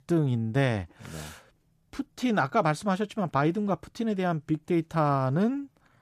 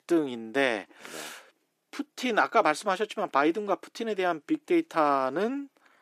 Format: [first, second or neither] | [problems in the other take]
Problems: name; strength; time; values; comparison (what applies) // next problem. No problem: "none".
first | thin; somewhat; fading below 300 Hz